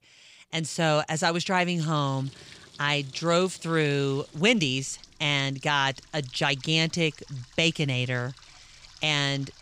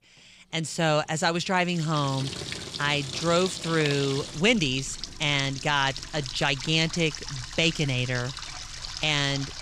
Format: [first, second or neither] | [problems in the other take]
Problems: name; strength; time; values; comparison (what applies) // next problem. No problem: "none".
first | household noises; loud; throughout; 10 dB below the speech; faint in the first